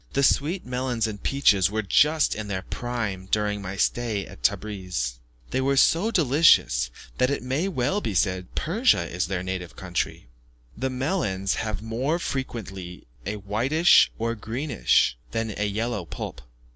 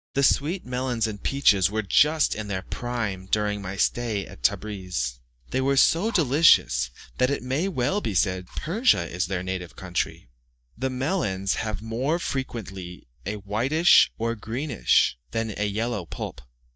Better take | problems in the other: first | noise reduction (neural mask model DeepFilterNet 3)

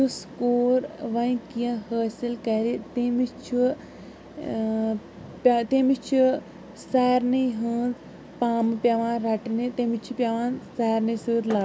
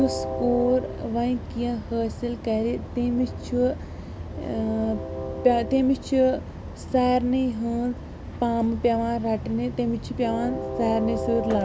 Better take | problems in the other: first | background sound (Train); 8 dB below the speech

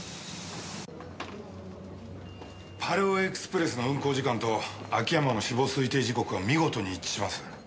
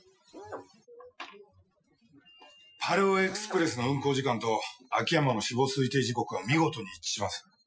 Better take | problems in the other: first | noise reduction (classical method Wiener filter)

